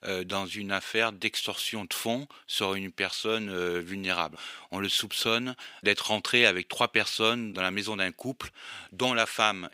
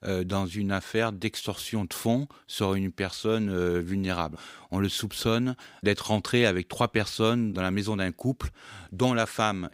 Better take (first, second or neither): second